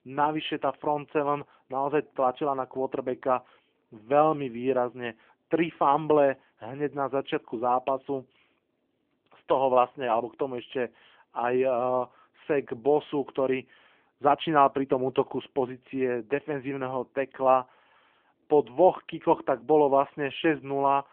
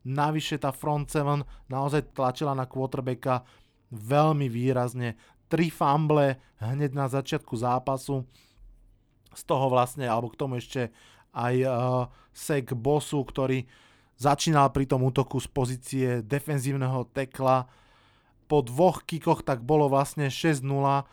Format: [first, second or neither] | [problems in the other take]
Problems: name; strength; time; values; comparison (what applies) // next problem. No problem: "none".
second | phone-call audio; nothing above 3.5 kHz